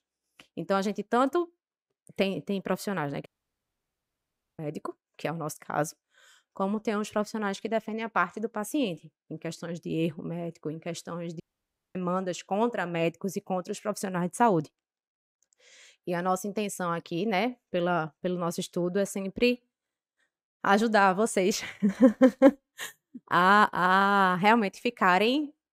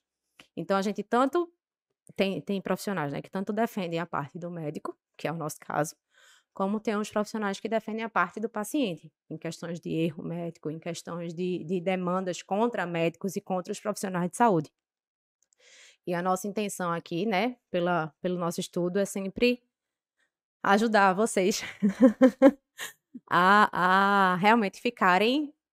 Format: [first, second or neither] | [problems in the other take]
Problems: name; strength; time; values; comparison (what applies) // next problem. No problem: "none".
second | audio cutting out; at 3.5 s for 1.5 s and at 11 s for 0.5 s